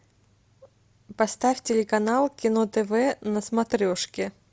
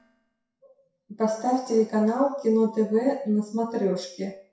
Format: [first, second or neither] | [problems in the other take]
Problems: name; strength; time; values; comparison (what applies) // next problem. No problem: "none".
first | noise reduction (classical method WPE with log-MMSE)